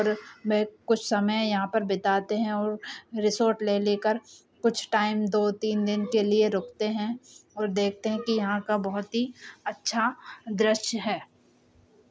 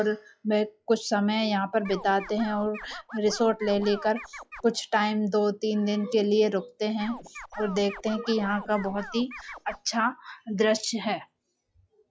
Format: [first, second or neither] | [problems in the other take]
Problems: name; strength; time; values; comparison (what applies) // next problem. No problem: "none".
first | noise reduction (classical method log-MMSE)